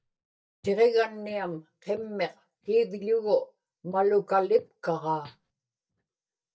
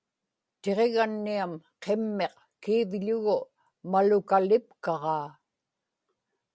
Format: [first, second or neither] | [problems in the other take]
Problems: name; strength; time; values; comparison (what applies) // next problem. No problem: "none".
second | noise reduction (neural mask model DeepFilterNet 3)